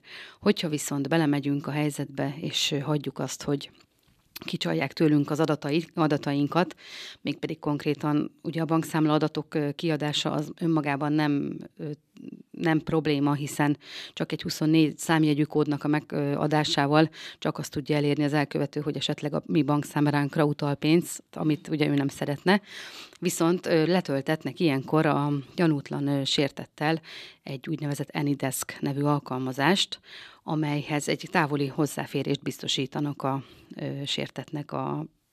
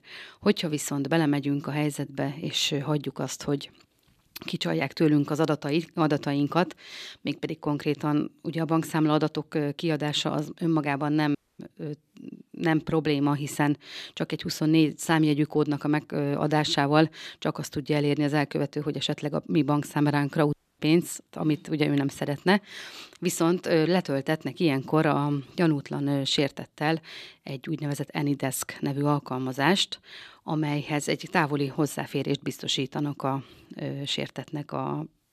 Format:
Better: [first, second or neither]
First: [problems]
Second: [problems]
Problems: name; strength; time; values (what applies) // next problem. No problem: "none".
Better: first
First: none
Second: audio cutting out; at 11 s and at 21 s